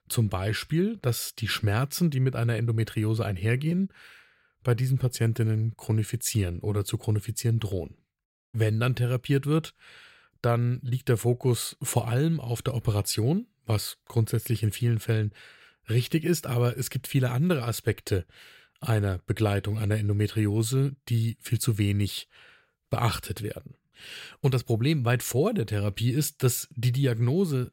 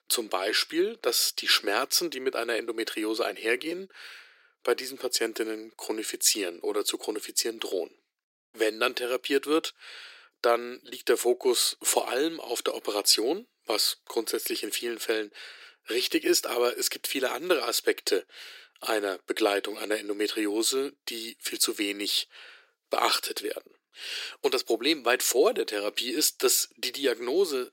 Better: first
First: none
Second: thin; very; fading below 300 Hz

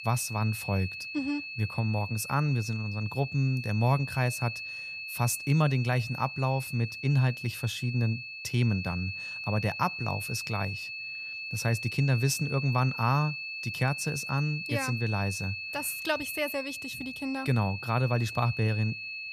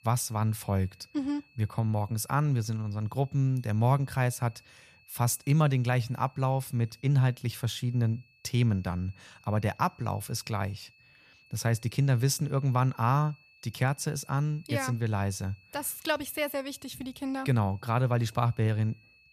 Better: second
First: high-pitched whine; loud; throughout; 2.5 kHz, 6 dB below the speech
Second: high-pitched whine; faint; throughout; 2.5 kHz, 30 dB below the speech

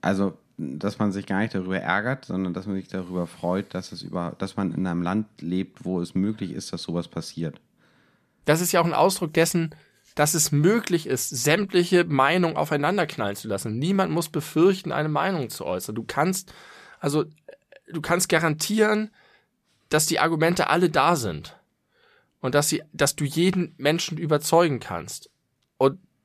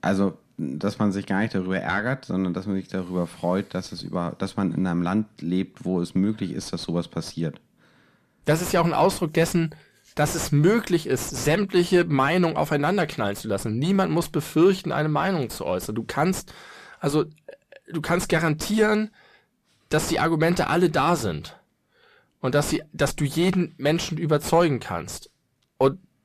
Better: first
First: none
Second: distortion; slight; 8 dB below the speech

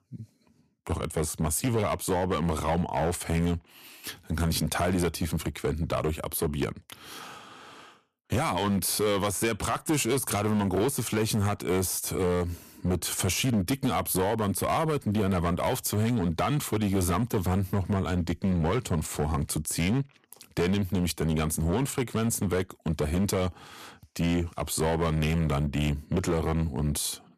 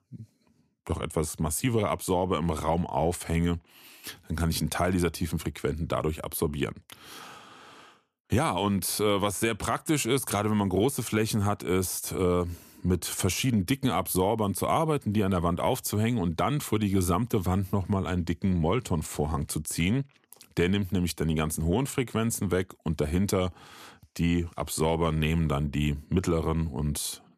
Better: second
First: distortion; slight; 9% of the sound clipped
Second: none

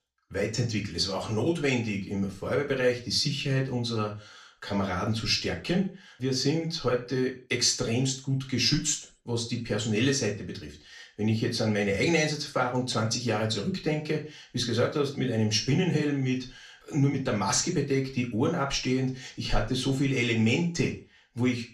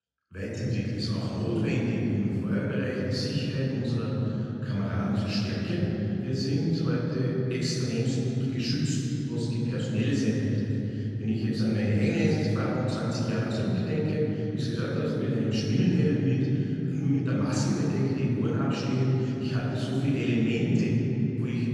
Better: first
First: room echo; slight; dies away in 0.3 s // off-mic speech; far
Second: room echo; strong; dies away in 3 s // off-mic speech; far

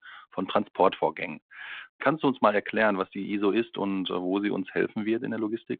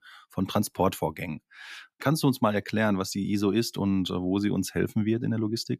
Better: second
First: phone-call audio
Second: none

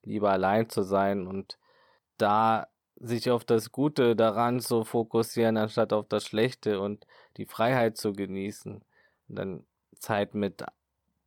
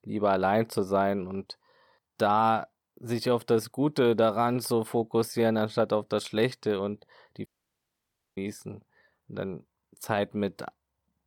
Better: first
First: none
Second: audio cutting out; at 7.5 s for 1 s

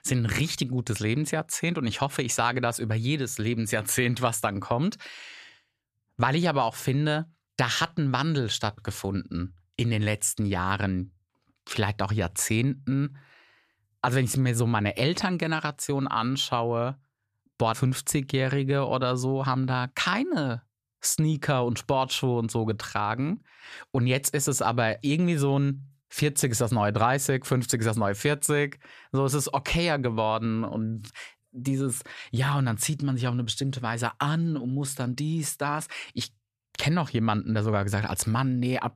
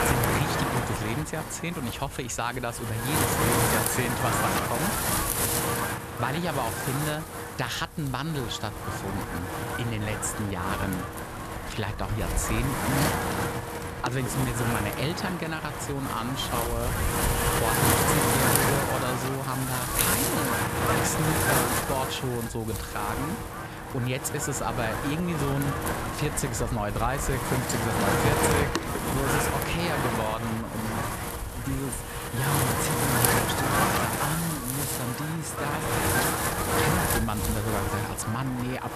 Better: first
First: none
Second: wind noise on the microphone; heavy; 5 dB above the speech

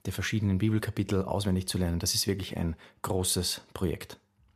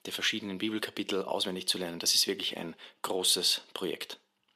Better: first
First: none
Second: thin; somewhat; fading below 300 Hz

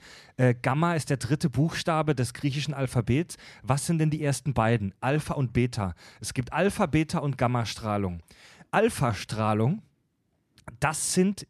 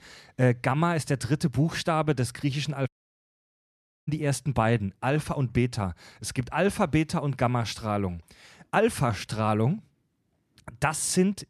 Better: first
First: none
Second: audio cutting out; at 3 s for 1 s

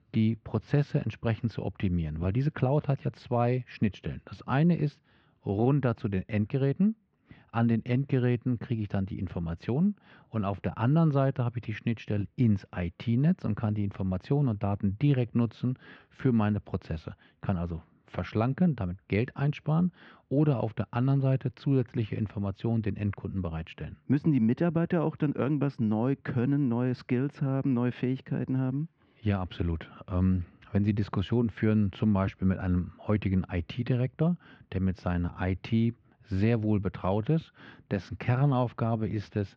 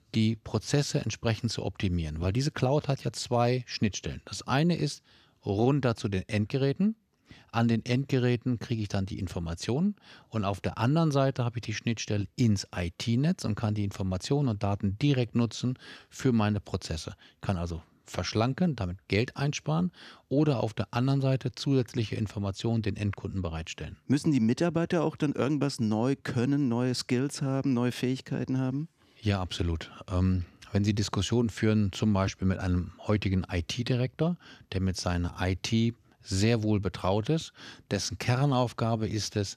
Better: second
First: muffled; very; fading above 2.5 kHz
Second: none

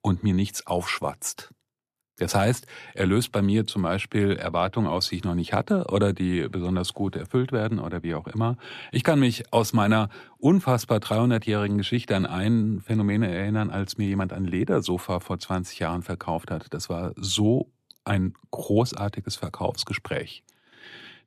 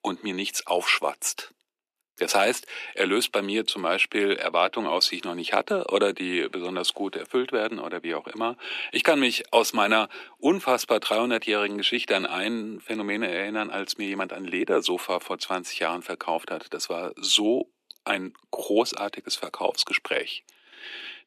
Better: first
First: none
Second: thin; somewhat; fading below 300 Hz

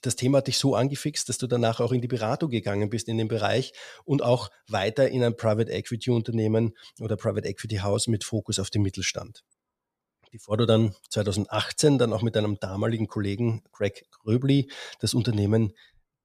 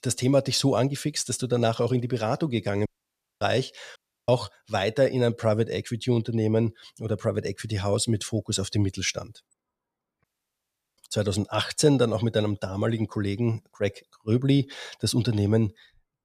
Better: first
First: none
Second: audio cutting out; at 3 s for 0.5 s, at 4 s and at 10 s for 0.5 s

